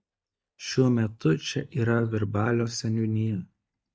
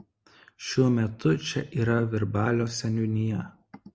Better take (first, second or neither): second